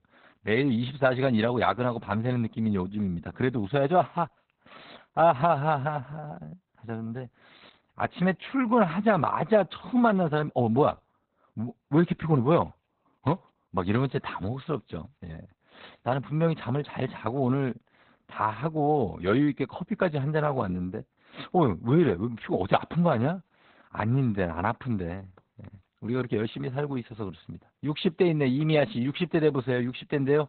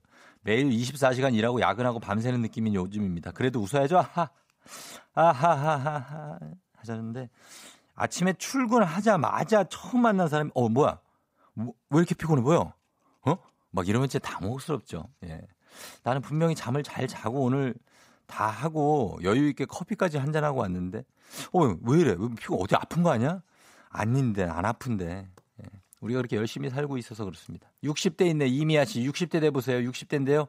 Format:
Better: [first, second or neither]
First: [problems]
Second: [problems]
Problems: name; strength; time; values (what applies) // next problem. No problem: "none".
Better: second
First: garbled, watery; badly; nothing above 4 kHz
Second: none